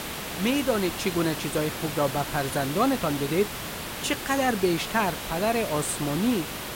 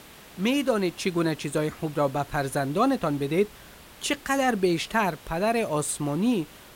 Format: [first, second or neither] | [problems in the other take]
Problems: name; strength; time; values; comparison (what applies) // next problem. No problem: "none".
second | hiss; loud; throughout; 6 dB below the speech; faint in the second